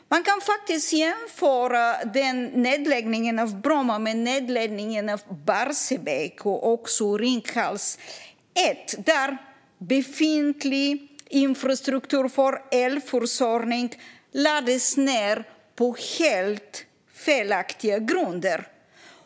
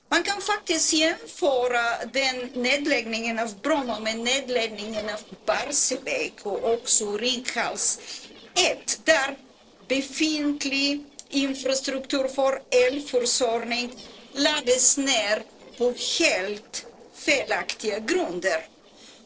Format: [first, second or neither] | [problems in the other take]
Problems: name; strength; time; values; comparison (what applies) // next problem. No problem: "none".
first | noise reduction (neural separator model SepFormer DNS4)